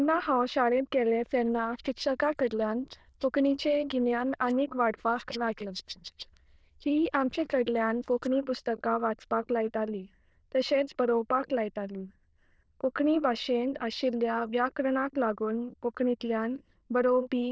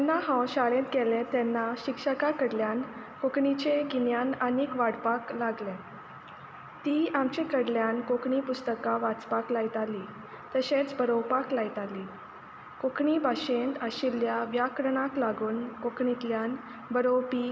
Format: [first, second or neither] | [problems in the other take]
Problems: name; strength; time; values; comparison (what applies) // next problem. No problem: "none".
second | noise reduction (neural diffusion model UNIVERSE++)